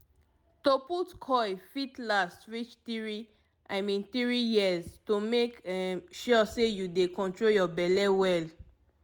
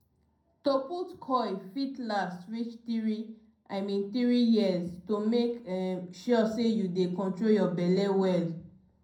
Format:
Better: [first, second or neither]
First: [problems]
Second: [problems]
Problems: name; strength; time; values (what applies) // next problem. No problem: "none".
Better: first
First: none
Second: room echo; dies away in 0.5 s